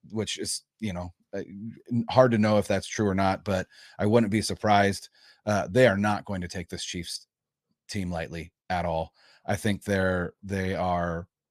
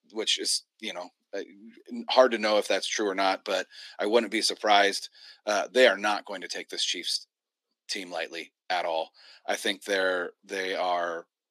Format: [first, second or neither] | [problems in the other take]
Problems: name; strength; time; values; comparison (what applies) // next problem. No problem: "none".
first | thin; somewhat; fading below 250 Hz